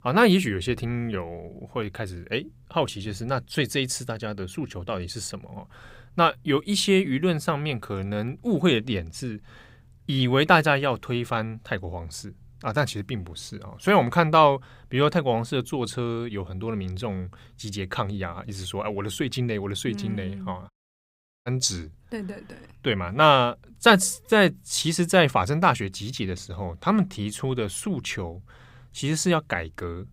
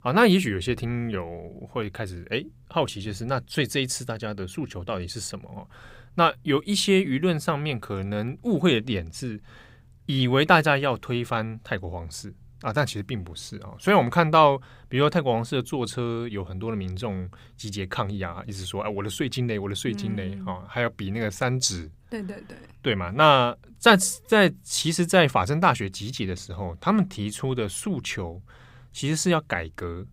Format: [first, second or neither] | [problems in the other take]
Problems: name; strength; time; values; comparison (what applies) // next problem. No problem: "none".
second | audio cutting out; at 21 s for 1 s